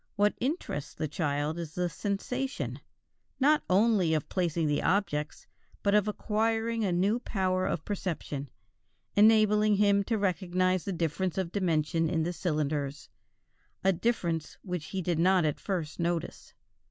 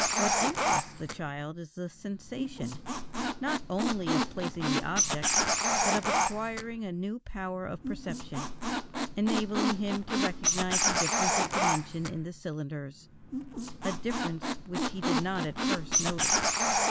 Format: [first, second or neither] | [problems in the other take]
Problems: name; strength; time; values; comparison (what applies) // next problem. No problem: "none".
first | background sound (Squeak); 5 dB above the speech